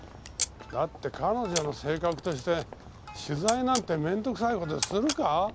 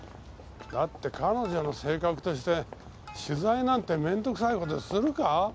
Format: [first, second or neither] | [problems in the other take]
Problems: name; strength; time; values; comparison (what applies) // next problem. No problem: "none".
second | background sound (Camera); 10 dB below the speech